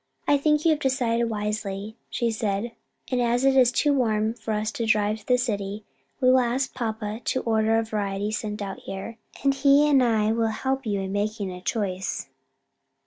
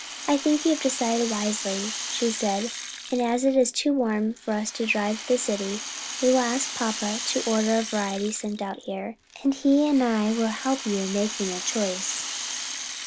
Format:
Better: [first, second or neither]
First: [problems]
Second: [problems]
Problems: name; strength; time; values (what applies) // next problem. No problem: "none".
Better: first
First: none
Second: background sound (Rattle (instrument)); 9 dB below the speech